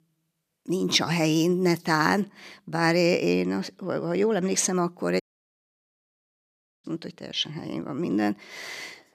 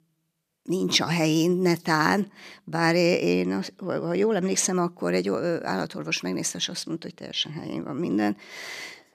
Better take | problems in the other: second | audio cutting out; at 5 s for 1.5 s

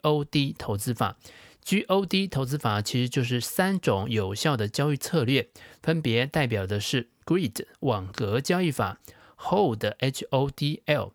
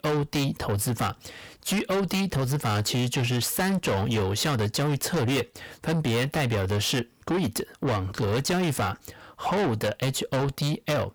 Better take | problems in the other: first | distortion; heavy; 6 dB below the speech

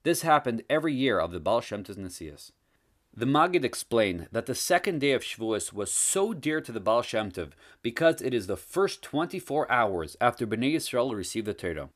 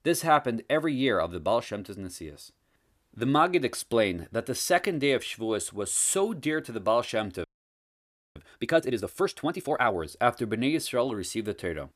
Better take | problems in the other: first | audio freezing; at 7.5 s for 1 s

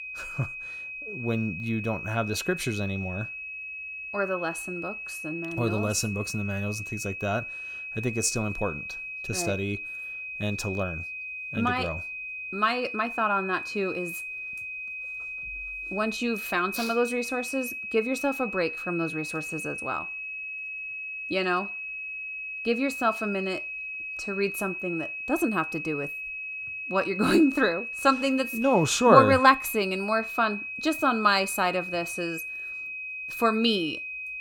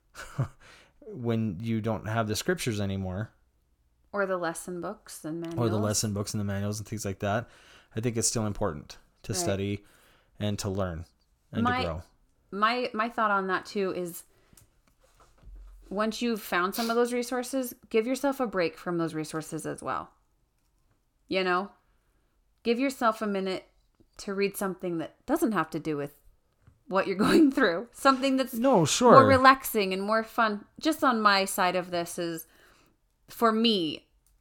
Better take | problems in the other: second | high-pitched whine; loud; throughout; 2.5 kHz, 6 dB below the speech

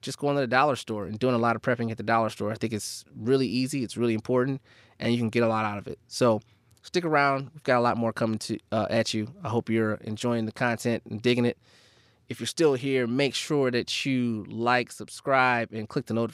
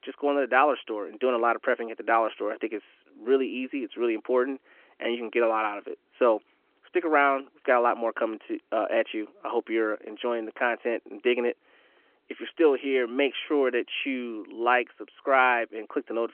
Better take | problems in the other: first | phone-call audio

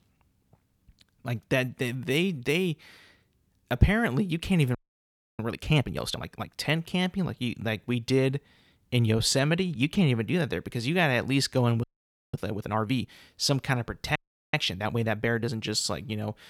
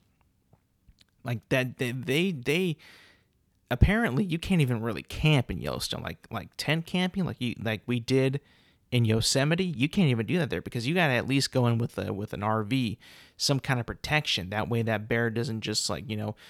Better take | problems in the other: second | audio freezing; at 5 s for 0.5 s, at 12 s and at 14 s

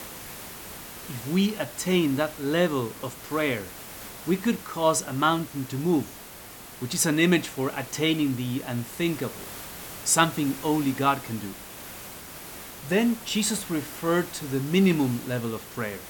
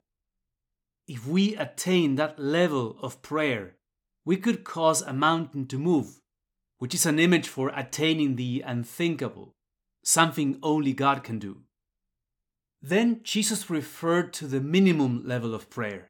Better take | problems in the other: second | hiss; noticeable; throughout; 15 dB below the speech

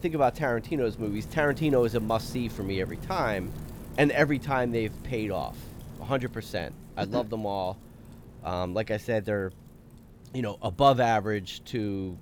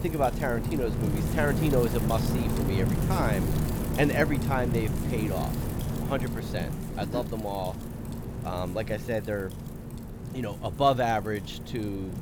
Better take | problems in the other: first | wind noise on the microphone; heavy; 8 dB below the speech; occasional gusts in the first

